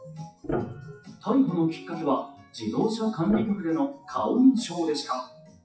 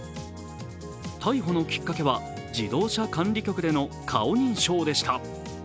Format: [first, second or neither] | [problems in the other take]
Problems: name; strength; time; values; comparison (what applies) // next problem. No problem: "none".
second | noise reduction (classical method WPE with log-MMSE)